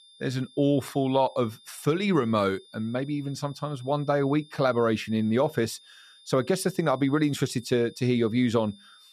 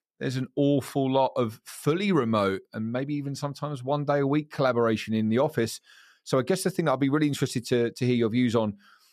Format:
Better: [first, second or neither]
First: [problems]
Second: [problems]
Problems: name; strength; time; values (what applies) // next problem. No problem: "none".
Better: second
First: high-pitched whine; faint; throughout; 3.5 kHz, 25 dB below the speech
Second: none